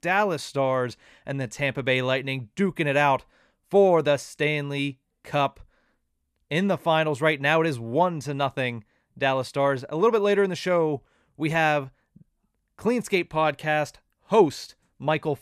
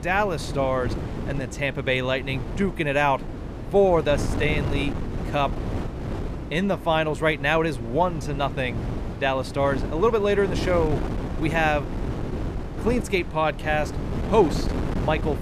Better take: first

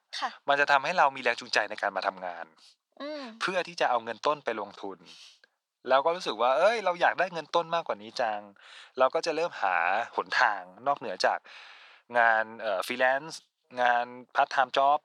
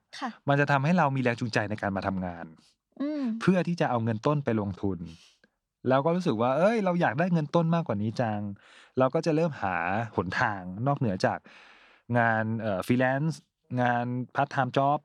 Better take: second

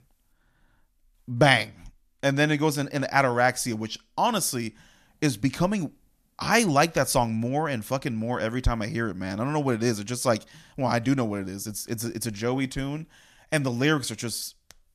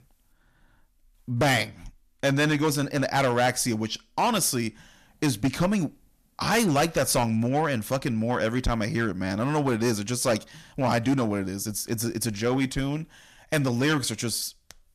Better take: first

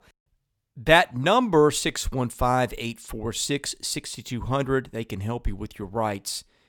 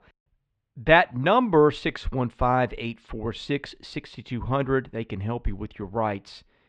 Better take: first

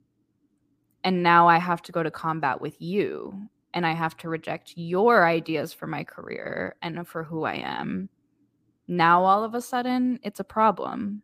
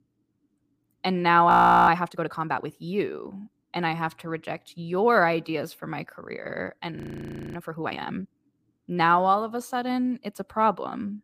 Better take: first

